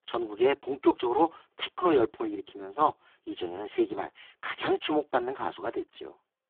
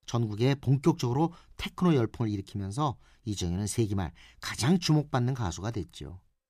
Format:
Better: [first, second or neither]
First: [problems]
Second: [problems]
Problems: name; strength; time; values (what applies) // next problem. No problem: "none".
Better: second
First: phone-call audio; poor line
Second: none